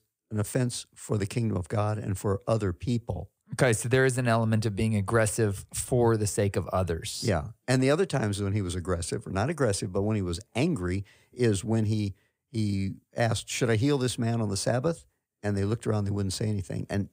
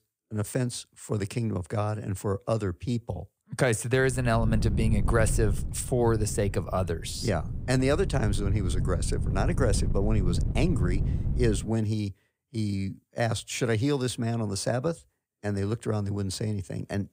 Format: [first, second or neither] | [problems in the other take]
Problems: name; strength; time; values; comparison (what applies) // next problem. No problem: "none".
first | wind noise on the microphone; occasional gusts; from 4 to 12 s; 15 dB below the speech